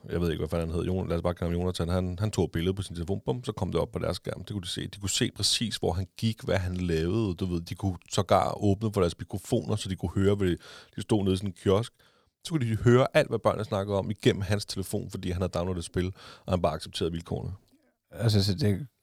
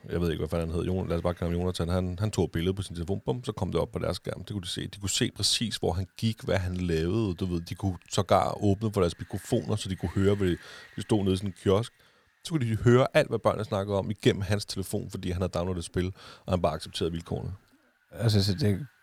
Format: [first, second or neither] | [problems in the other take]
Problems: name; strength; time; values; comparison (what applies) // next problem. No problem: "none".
first | wind noise on the microphone; faint; 25 dB below the speech